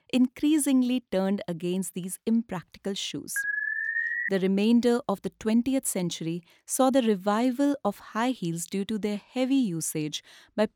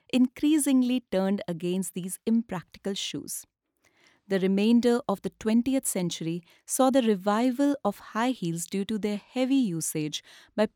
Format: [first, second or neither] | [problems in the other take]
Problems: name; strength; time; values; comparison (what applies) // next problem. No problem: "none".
second | alarm; loud; at 3.5 s; peak level with the speech